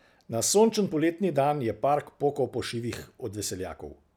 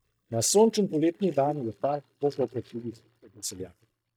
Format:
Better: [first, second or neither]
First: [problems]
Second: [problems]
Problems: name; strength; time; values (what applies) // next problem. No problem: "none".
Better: first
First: none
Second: noise reduction (neural mask model DeepFilterNet 3)